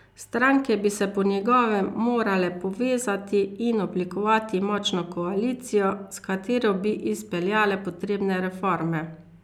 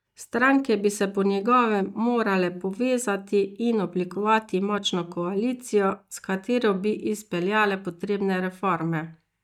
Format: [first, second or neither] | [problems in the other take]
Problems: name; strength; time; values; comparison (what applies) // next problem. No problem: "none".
first | noise reduction (neural mask model DeepFilterNet 3)